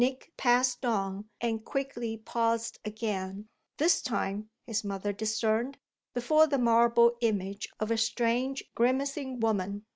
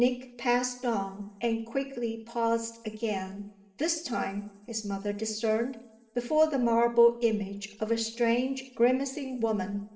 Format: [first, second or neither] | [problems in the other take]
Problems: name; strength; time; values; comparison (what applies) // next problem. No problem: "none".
first | room echo; dies away in 0.9 s